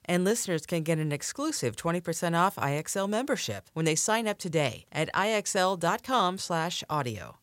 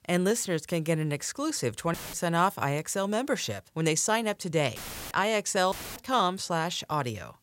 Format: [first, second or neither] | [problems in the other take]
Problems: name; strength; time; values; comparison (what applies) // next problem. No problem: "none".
first | audio cutting out; filled with static; at 2 s, at 5 s and at 5.5 s